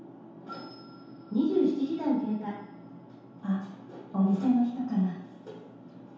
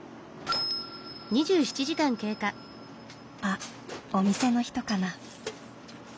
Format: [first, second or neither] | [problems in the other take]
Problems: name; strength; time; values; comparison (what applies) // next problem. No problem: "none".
second | room echo; dies away in 0.8 s